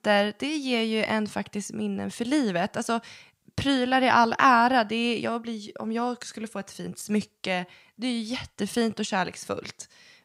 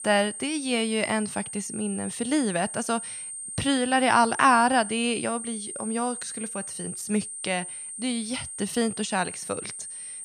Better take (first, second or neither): first